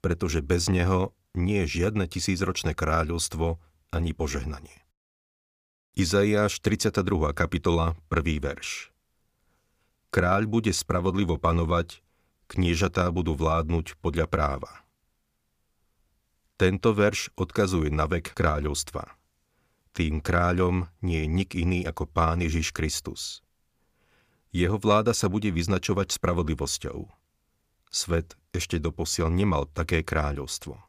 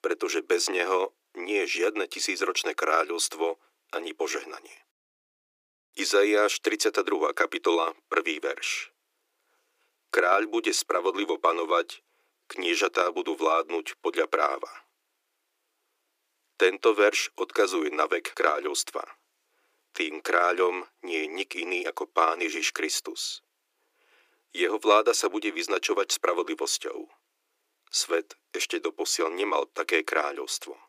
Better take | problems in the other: first | thin; very; fading below 300 Hz

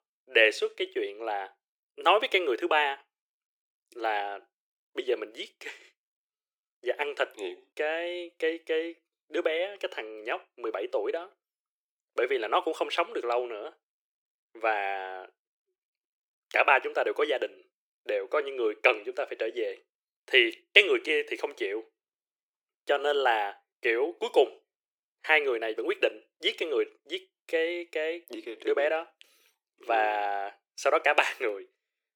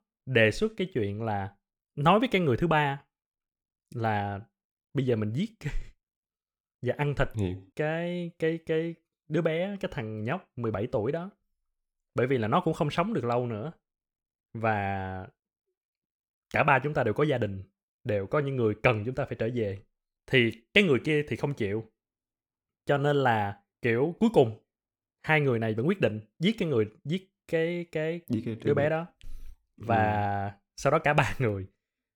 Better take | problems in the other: second | thin; very; fading below 350 Hz

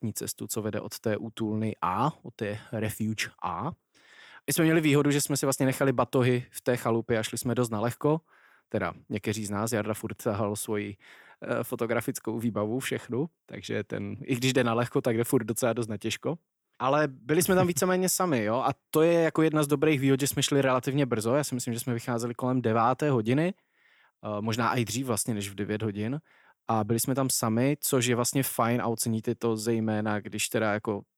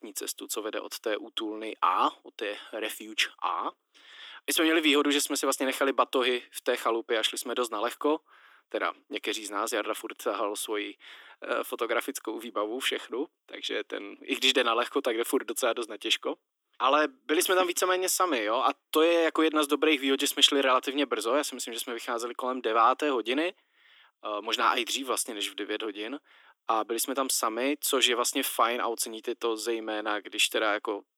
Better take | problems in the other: first | thin; somewhat; fading below 300 Hz

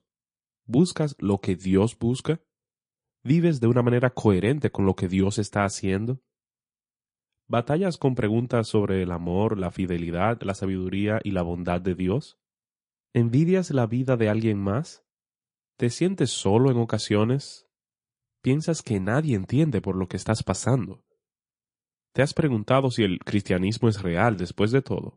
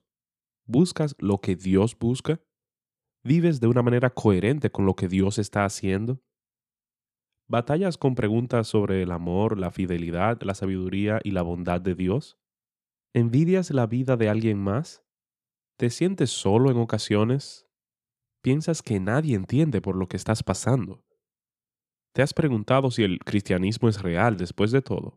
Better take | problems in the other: second | garbled, watery; slightly; nothing above 10.5 kHz

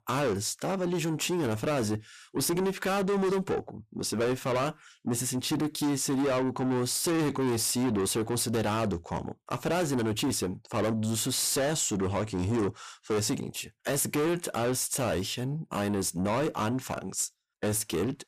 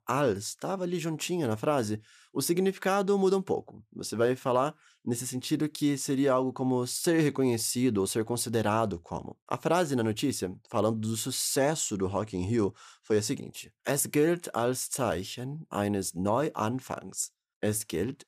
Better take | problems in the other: second | distortion; heavy; 7 dB below the speech

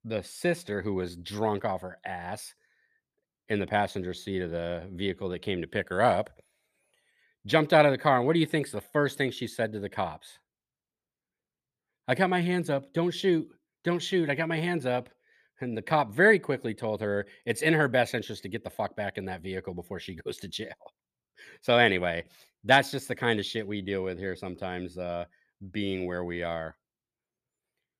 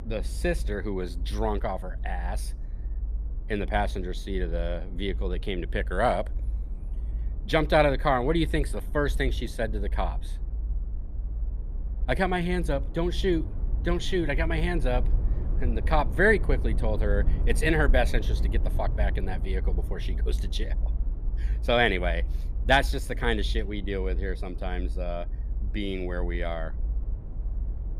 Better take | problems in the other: first | low rumble; faint; throughout; 20 dB below the speech

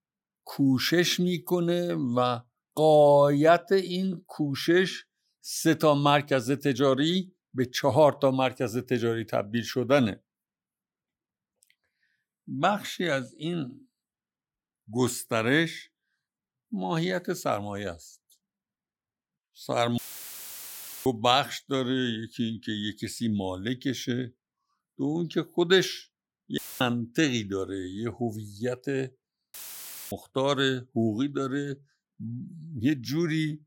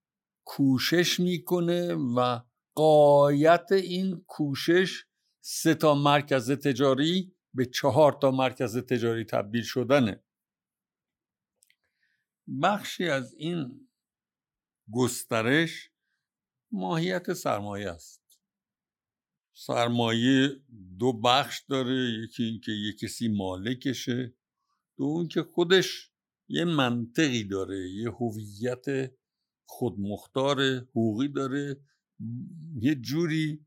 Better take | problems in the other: second | audio cutting out; filled with static; at 20 s for 1 s, at 27 s and at 30 s for 0.5 s

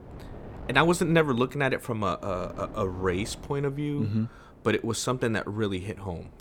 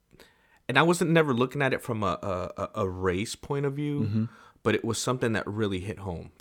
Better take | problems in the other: second | wind noise on the microphone; occasional gusts; 20 dB below the speech

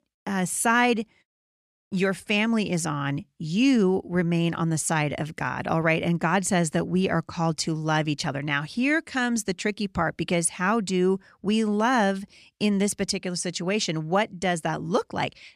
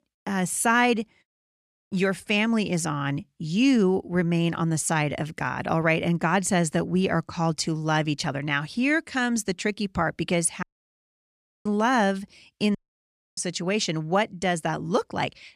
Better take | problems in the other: first | audio cutting out; at 11 s for 1 s and at 13 s for 0.5 s

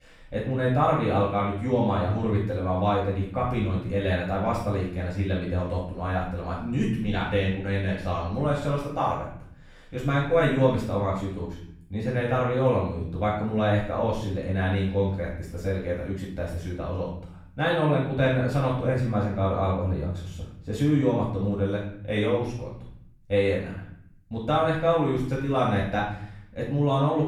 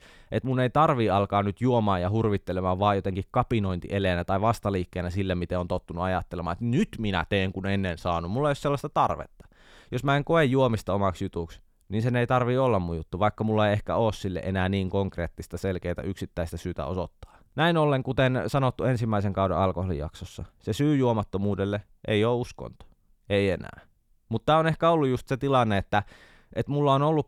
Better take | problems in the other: second | off-mic speech; far // room echo; noticeable; dies away in 0.7 s

